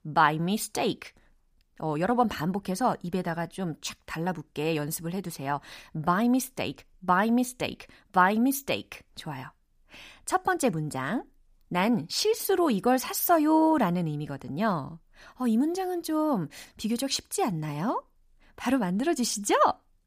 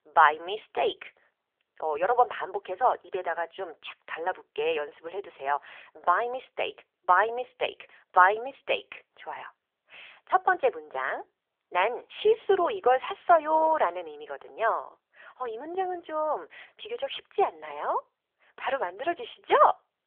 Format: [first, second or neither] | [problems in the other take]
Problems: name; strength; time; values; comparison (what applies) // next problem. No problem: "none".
first | phone-call audio; nothing above 3.5 kHz